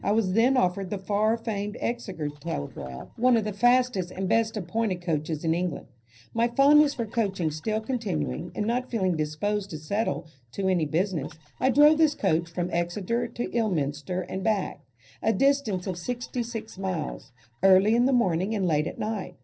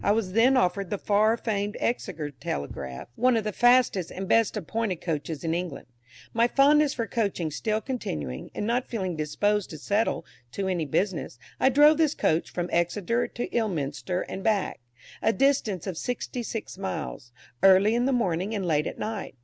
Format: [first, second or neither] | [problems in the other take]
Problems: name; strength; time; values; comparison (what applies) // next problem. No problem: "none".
second | noise reduction (neural separator model SepFormer DNS4)